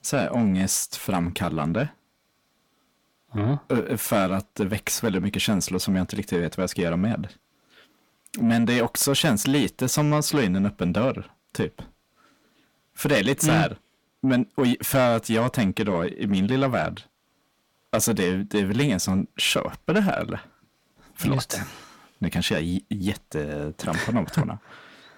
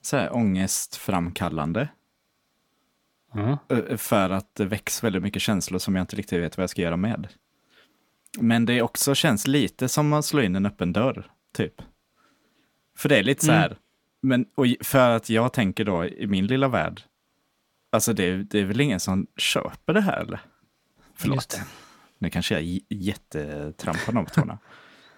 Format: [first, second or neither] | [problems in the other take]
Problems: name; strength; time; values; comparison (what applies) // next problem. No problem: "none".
second | distortion; slight; 10 dB below the speech